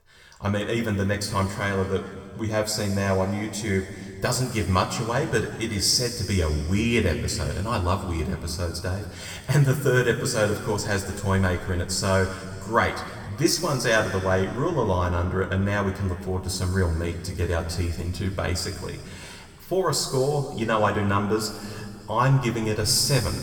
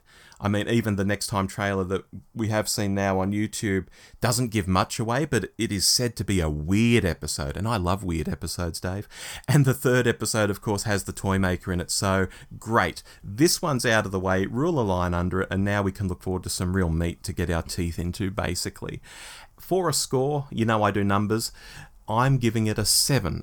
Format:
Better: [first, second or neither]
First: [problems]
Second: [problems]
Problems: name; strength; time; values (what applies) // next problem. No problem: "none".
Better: second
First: room echo; slight; dies away in 2.2 s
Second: none